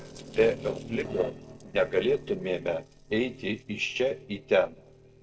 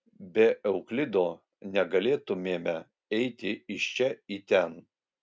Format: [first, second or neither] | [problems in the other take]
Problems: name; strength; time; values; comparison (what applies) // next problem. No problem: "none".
second | noise reduction (neural separator model SepFormer DNS4)